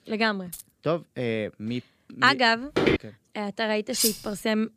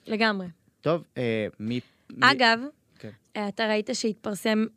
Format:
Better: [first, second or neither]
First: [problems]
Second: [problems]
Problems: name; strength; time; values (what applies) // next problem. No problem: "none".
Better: second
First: jangling keys; faint; at 0.5 s; peak 15 dB below the speech // footsteps; loud; at 3 s; peak 2 dB above the speech // clattering dishes; loud; at 4 s; peak 1 dB above the speech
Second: none